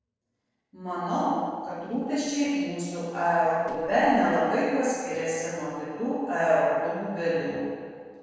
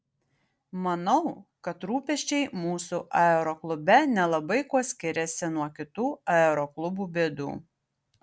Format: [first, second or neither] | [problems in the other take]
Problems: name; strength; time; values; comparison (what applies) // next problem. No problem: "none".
second | noise reduction (neural separator model SepFormer DNS4)